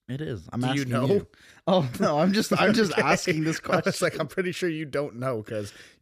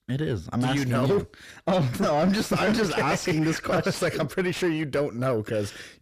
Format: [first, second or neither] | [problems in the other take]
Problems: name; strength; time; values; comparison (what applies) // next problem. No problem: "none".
first | distortion; heavy; 8 dB below the speech